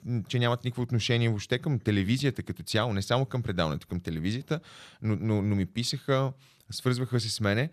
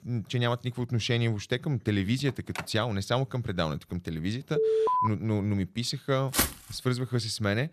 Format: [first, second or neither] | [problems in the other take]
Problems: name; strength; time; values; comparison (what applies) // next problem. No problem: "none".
first | phone ringing; noticeable; at 2.5 s; peak 10 dB below the speech // alarm; loud; at 4.5 s; peak 5 dB above the speech // footsteps; loud; at 6.5 s; peak 3 dB above the speech